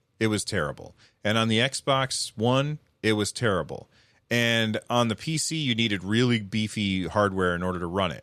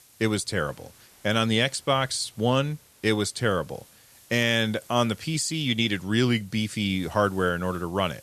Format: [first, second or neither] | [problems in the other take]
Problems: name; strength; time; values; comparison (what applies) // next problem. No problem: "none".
first | hiss; faint; throughout; 25 dB below the speech